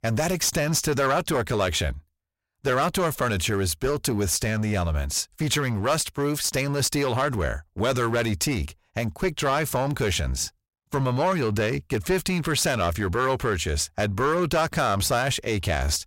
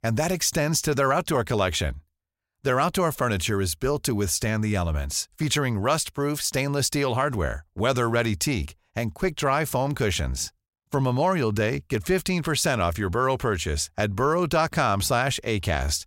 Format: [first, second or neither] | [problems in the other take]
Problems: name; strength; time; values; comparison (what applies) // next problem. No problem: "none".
second | distortion; slight; 9% of the sound clipped